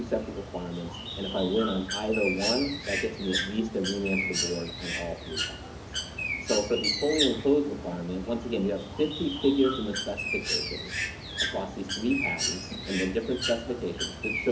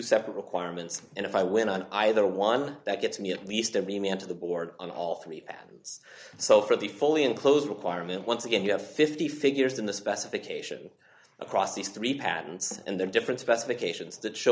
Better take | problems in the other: second | background sound (Bird); 4 dB below the speech // room echo; dies away in 0.4 s

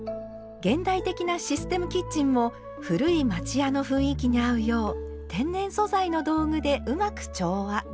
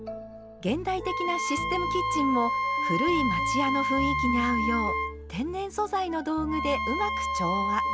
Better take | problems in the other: first | background sound (Wind instrument, woodwind instrument); as loud as the speech

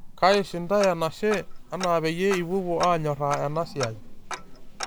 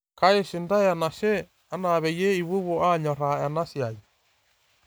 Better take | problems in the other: second | background sound (Tick-tock); 11 dB below the speech

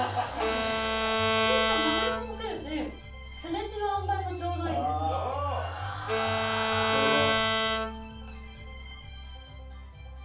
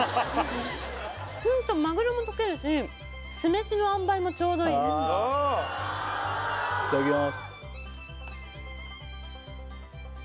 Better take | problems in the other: second | background sound (Bowed string instrument); 3 dB above the speech // room echo; dies away in 0.3 s

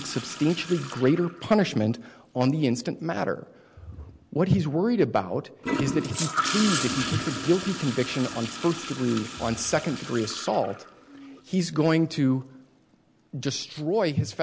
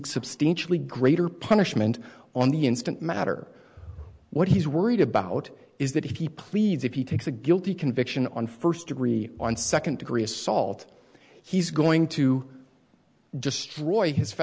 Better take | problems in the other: second | background sound (Cutlery, silverware + Toilet flush / Gurgling); 9 dB below the speech

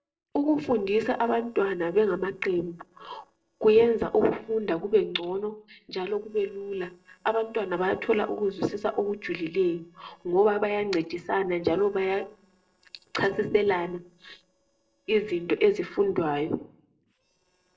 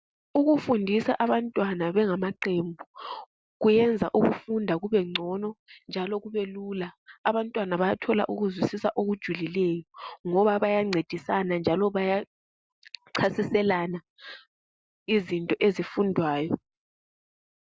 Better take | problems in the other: second | noise reduction (neural separator model SepFormer DNS4)

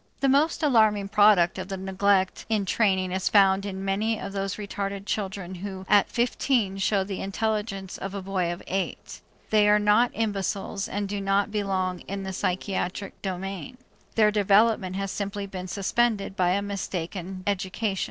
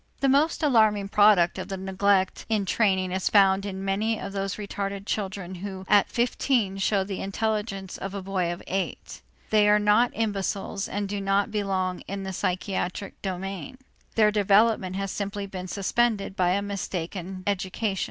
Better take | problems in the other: second | noise reduction (neural separator model SepFormer DNS4)

